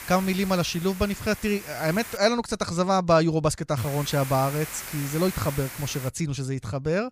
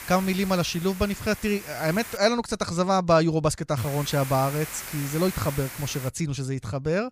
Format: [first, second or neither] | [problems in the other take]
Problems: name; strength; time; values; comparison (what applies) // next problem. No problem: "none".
neither | hiss; noticeable; until 2 s and from 4 to 6 s; 10 dB below the speech; the same in both